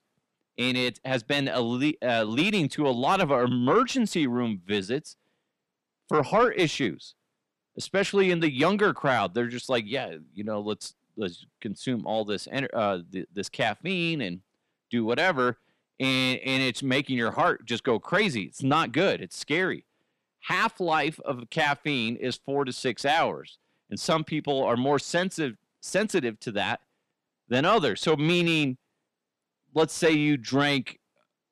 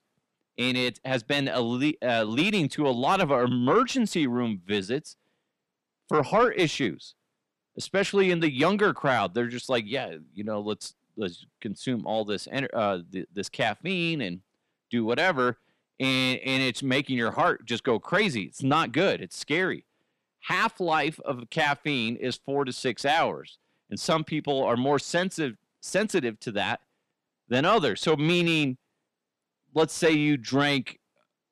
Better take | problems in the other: neither | distortion; slight; 10 dB below the speech; the same in both

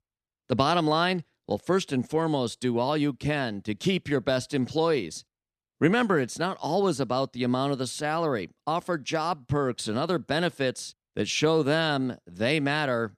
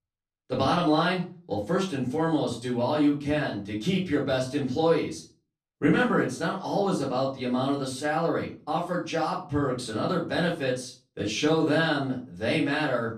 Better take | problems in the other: first | off-mic speech; far // room echo; slight; dies away in 0.3 s

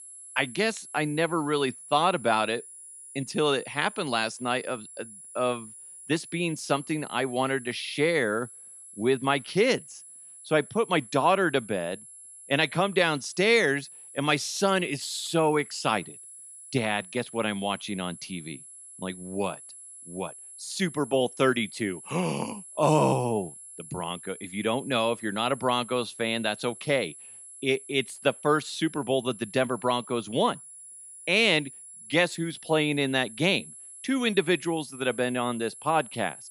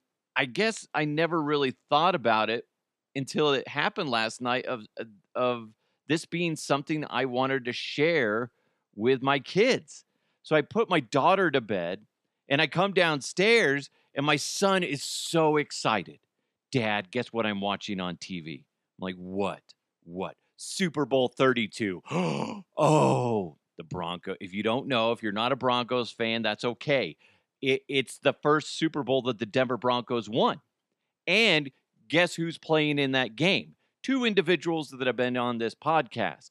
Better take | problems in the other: second | high-pitched whine; noticeable; throughout; 10.5 kHz, 15 dB below the speech

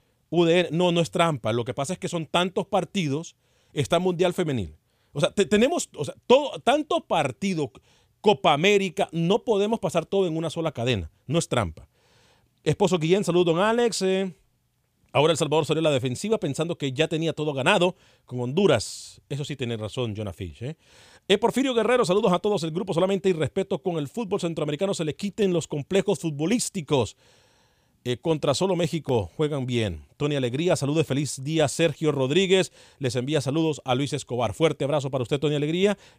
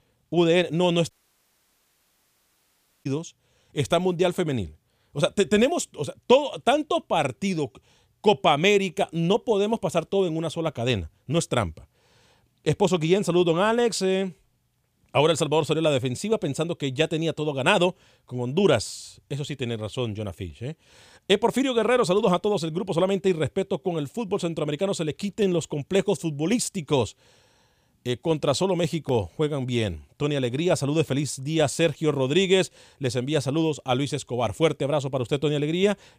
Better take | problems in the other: first | audio cutting out; at 1 s for 2 s

